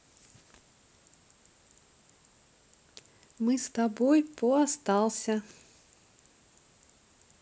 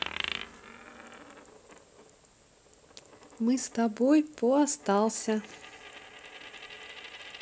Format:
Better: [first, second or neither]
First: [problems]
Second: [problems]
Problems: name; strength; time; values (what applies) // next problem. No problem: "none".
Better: first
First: none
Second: background sound (Coin (dropping)); 13 dB below the speech